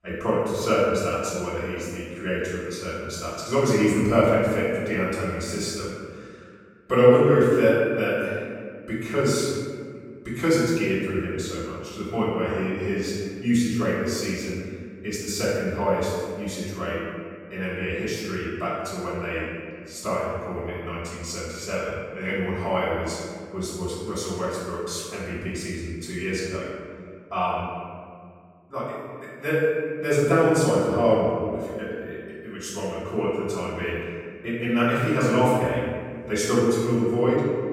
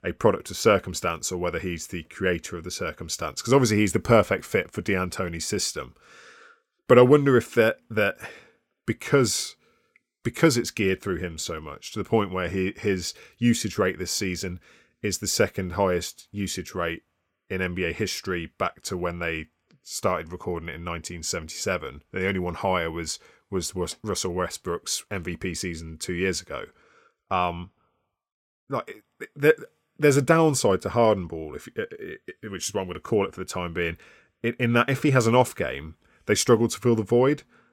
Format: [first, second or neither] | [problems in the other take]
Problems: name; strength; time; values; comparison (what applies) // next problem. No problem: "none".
second | off-mic speech; far // room echo; strong; dies away in 1.8 s